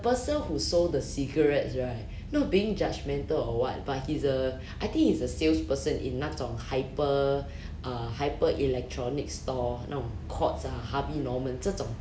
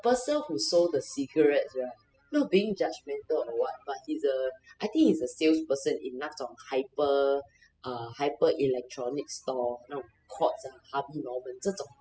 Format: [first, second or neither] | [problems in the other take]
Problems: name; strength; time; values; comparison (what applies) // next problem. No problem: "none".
first | noise reduction (classical method spectral subtraction)